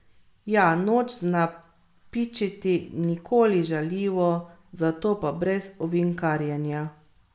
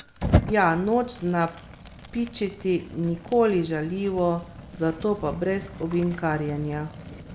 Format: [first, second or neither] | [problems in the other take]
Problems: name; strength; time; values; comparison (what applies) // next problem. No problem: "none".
first | background sound (Fire); 7 dB below the speech